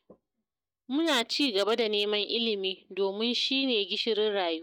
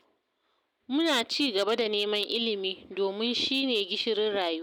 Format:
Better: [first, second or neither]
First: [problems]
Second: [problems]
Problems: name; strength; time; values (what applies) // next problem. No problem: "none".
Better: second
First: noise reduction (neural mask model DeepFilterNet 3)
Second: none